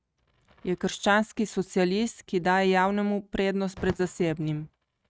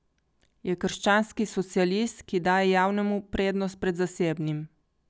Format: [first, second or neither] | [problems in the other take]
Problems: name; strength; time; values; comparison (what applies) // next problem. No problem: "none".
second | noise reduction (neural mask model RNNoise)